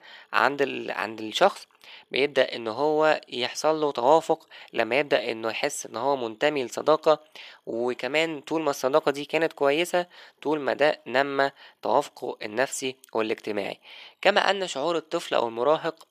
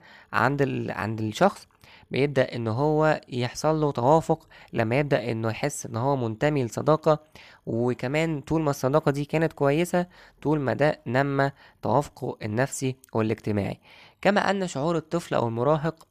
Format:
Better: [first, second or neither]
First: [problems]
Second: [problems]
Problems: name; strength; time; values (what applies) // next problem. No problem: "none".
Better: second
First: thin; somewhat; fading below 400 Hz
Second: none